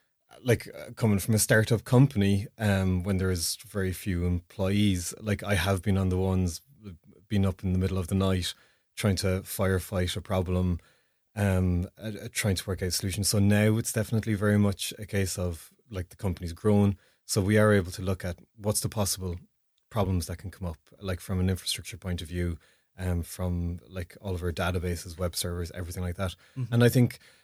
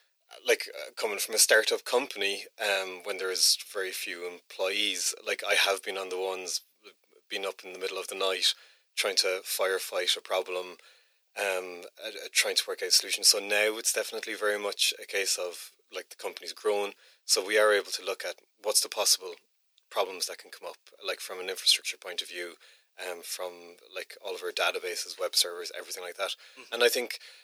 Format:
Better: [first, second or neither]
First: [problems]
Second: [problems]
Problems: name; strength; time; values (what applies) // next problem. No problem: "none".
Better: first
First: none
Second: thin; very; fading below 400 Hz